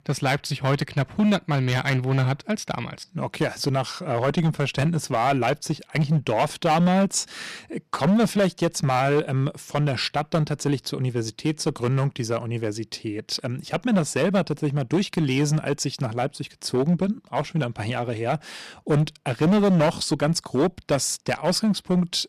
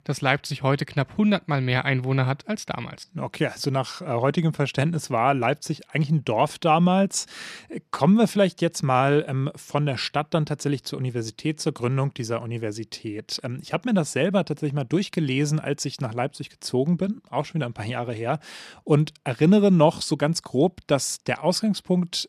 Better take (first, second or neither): second